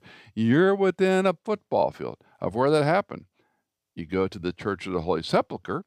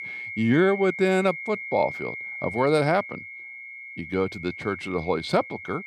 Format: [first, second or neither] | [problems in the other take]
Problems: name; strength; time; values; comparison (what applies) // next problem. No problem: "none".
first | high-pitched whine; loud; throughout; 2 kHz, 10 dB below the speech